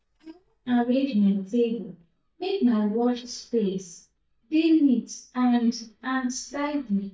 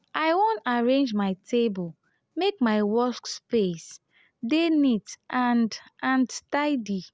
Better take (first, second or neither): second